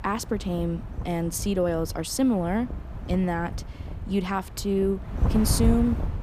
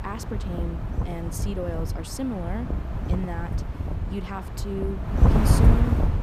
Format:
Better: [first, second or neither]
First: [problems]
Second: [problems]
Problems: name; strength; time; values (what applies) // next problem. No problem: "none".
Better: first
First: wind noise on the microphone; occasional gusts; 10 dB below the speech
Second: wind noise on the microphone; heavy; 1 dB above the speech